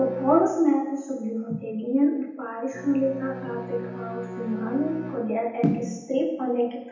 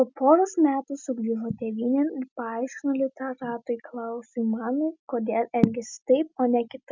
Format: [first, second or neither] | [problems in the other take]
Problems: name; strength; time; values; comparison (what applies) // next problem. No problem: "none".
second | background sound (Bowed string instrument); 14 dB below the speech // room echo; dies away in 0.9 s